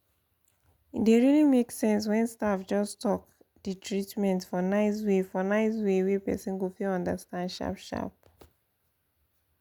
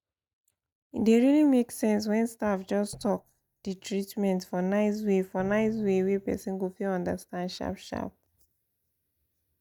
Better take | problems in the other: first | noise reduction (neural mask model DeepFilterNet 3)

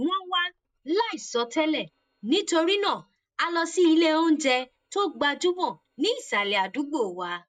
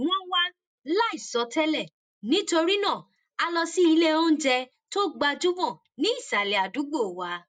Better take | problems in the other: second | noise reduction (neural mask model DeepFilterNet 3)

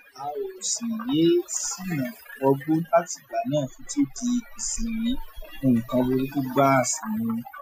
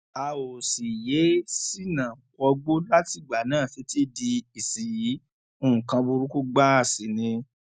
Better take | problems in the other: second | noise reduction (classical method Wiener filter)

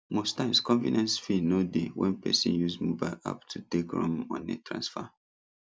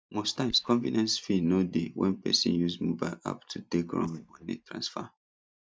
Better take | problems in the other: first | noise reduction (neural mask model DeepFilterNet 3)

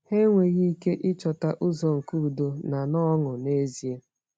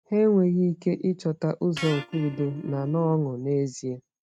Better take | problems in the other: first | noise reduction (neural mask model RNNoise)

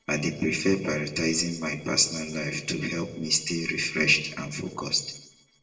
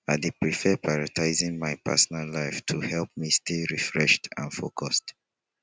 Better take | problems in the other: second | noise reduction (neural separator model SepFormer DNS4)

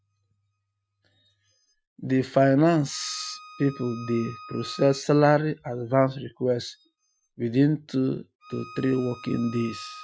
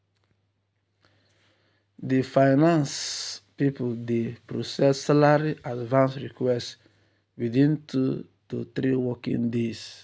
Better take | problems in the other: second | noise reduction (classical method Wiener filter)

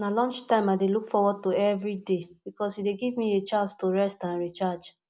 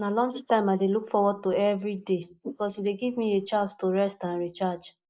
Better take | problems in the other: first | noise reduction (neural mask model Resemble Enhance denoiser)

